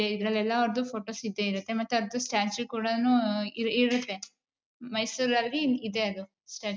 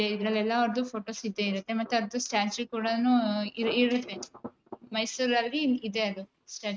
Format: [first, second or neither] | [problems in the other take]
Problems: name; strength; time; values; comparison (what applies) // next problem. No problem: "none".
first | noise reduction (neural mask model RNNoise)